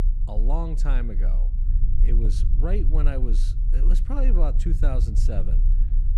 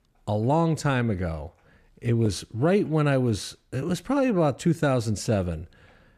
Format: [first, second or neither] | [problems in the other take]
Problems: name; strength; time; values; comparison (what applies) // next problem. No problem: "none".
second | low rumble; loud; throughout; 9 dB below the speech